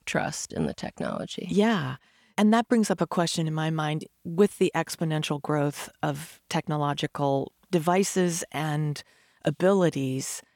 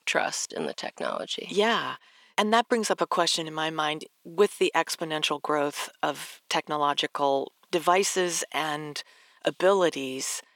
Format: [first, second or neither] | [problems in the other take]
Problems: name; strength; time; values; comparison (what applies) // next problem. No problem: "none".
first | thin; somewhat; fading below 400 Hz